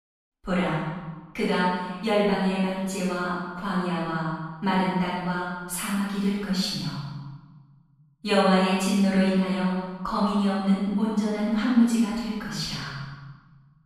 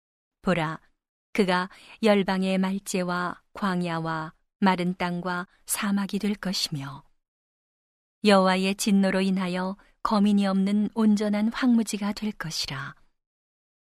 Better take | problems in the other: second | off-mic speech; far // room echo; strong; dies away in 1.2 s

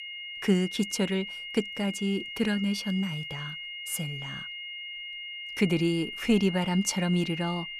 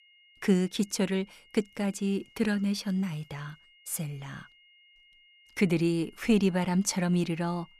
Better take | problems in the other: second | high-pitched whine; loud; throughout; 3 kHz, 8 dB below the speech; faint in the second

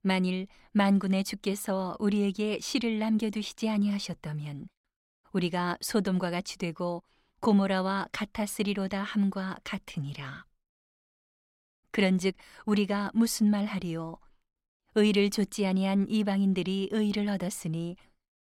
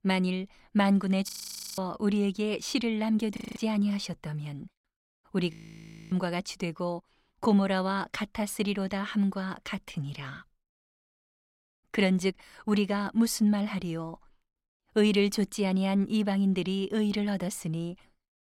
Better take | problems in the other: first | audio freezing; at 1.5 s, at 3.5 s and at 5.5 s for 0.5 s

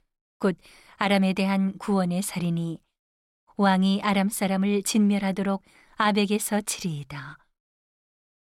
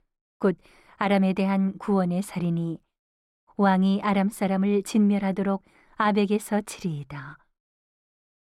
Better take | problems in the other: first | muffled; slightly; fading above 2.5 kHz

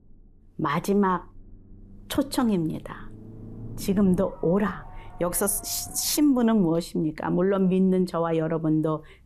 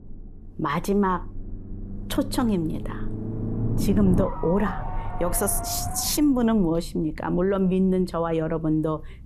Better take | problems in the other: first | low rumble; loud; throughout; 9 dB below the speech; faint in the first

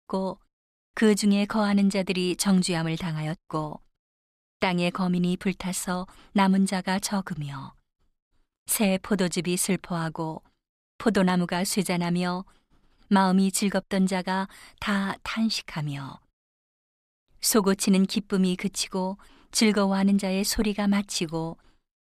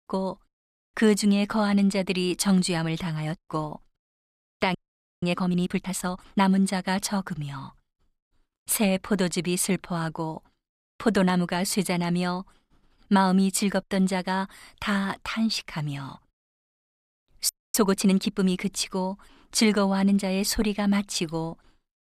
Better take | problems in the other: first | audio freezing; at 5 s and at 17 s

